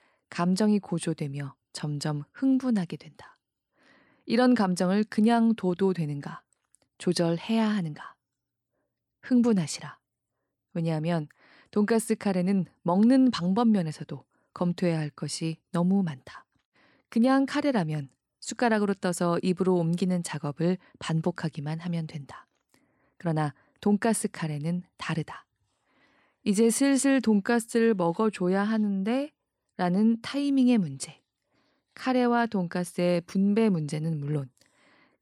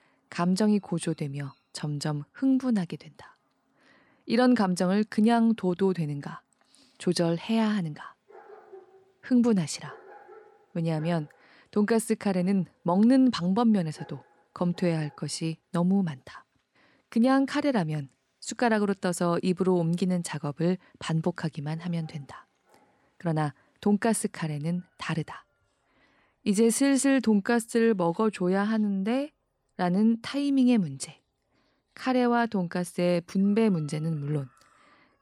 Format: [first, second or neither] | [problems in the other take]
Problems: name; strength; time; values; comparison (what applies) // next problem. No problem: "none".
first | animal sounds; faint; throughout; 30 dB below the speech